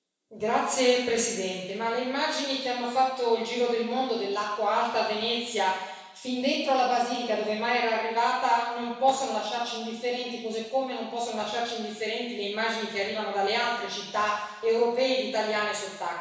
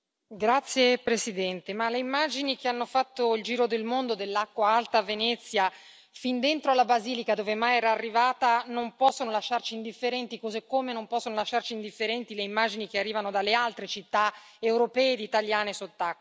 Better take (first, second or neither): second